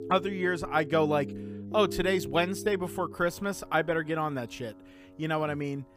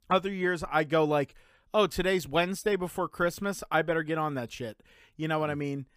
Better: second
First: background music; noticeable; throughout; 10 dB below the speech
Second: none

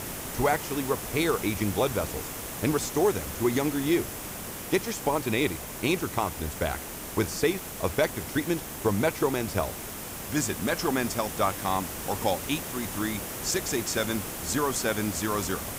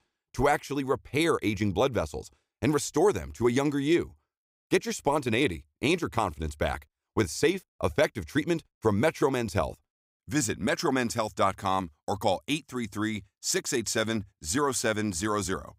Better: second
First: hiss; loud; throughout; 6 dB below the speech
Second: none

